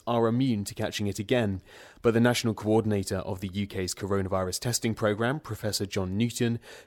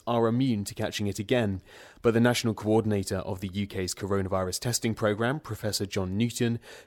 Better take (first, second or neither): neither